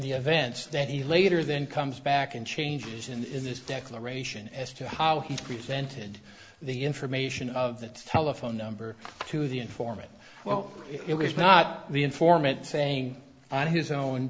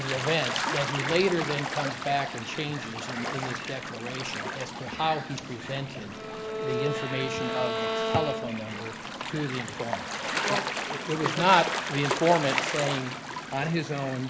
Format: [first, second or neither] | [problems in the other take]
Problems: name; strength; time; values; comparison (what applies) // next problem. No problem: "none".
first | background sound (Gull, seagull / Waves, surf + Bowed string instrument); 2 dB below the speech